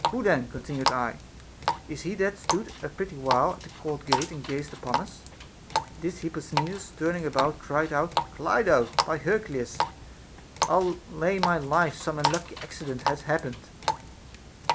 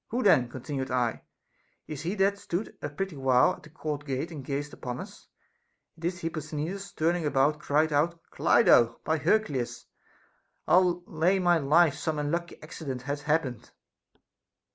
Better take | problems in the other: second | background sound (Water tap, faucet); 4 dB below the speech

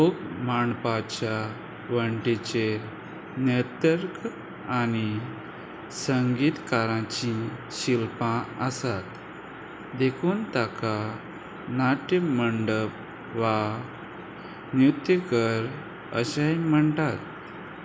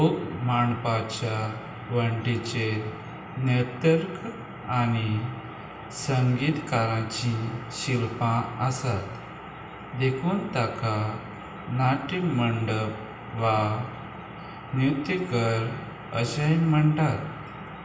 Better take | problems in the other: first | room echo; dies away in 1 s

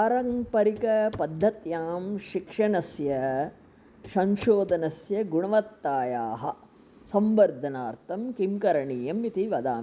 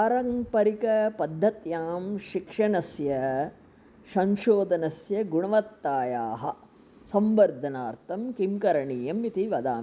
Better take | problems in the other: second | background sound (Walk, footsteps / Run / Wood); 19 dB below the speech

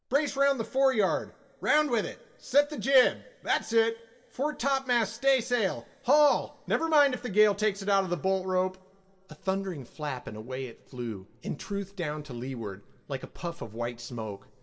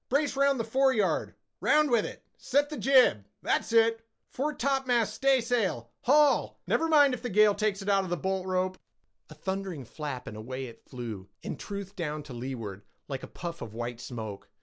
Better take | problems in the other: second | room echo; dies away in 1.9 s

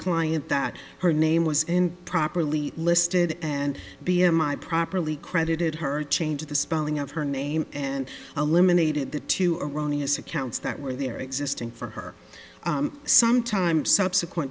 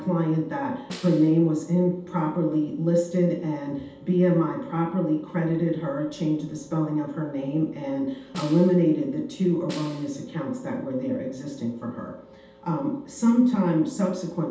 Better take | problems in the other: first | background sound (Snare drum); 18 dB below the speech // room echo; dies away in 0.8 s

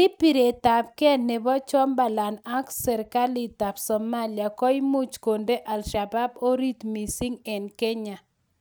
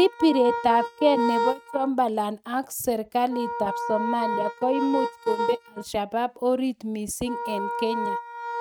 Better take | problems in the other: first | noise reduction (neural mask model RNNoise)

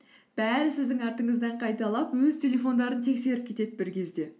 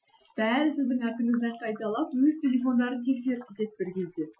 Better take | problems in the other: first | noise reduction (classical method Wiener filter)

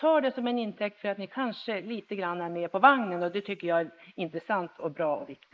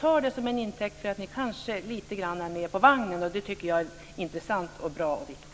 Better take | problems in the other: second | noise reduction (neural mask model Resemble Enhance denoiser)

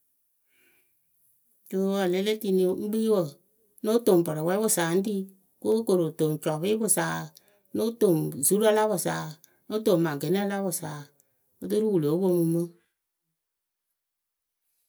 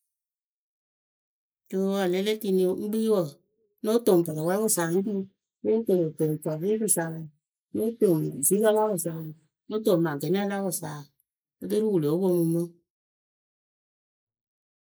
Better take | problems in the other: first | noise reduction (neural mask model Resemble Enhance denoiser)

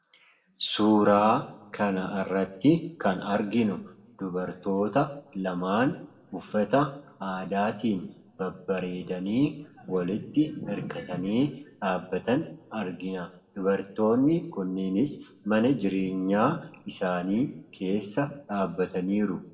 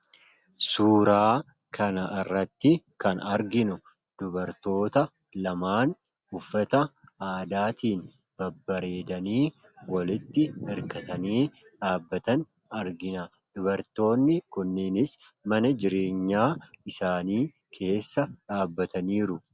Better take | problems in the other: second | room echo; dies away in 0.6 s

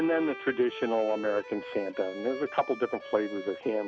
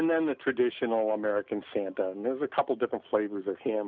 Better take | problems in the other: second | background sound (Bowed string instrument); 12 dB below the speech

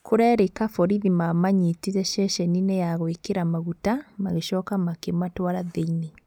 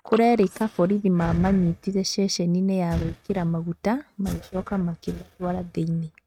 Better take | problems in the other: first | noise reduction (neural mask model RNNoise)

